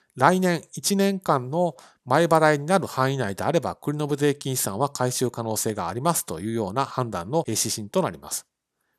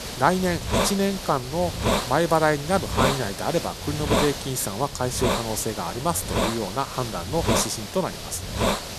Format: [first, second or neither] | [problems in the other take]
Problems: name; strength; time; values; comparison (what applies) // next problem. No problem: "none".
first | hiss; loud; throughout; 2 dB below the speech